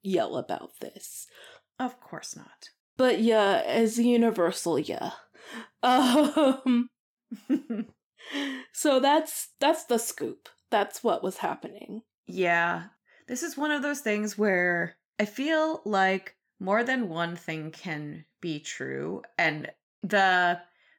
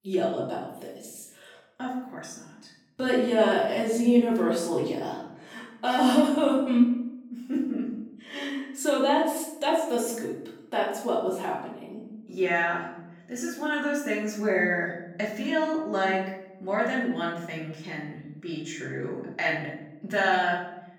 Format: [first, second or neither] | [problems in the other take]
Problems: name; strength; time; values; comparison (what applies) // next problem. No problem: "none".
first | off-mic speech; far // room echo; noticeable; dies away in 0.8 s